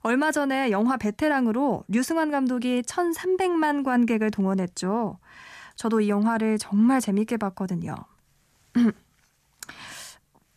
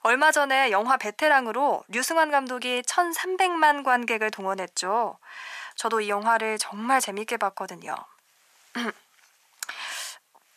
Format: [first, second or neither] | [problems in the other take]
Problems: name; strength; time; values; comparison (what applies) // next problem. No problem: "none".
first | thin; very; fading below 750 Hz